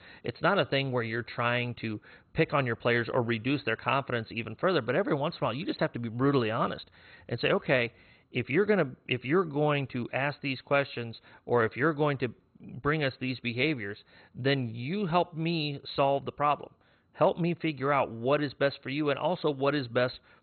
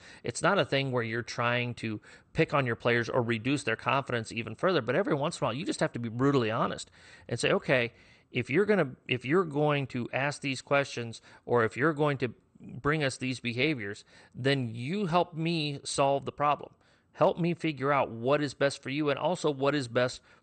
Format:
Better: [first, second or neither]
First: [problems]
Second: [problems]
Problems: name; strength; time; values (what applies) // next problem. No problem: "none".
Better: second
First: garbled, watery; badly; nothing above 4 kHz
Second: garbled, watery; slightly; nothing above 8.5 kHz